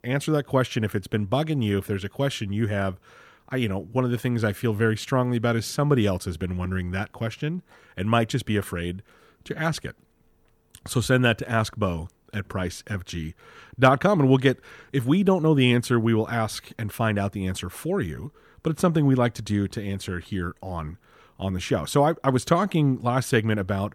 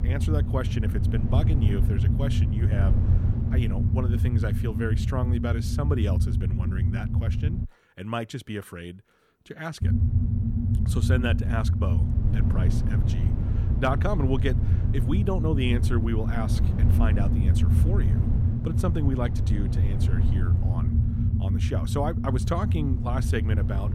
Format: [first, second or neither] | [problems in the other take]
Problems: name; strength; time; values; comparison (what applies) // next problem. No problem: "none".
first | low rumble; loud; until 7.5 s and from 10 s on; 4 dB below the speech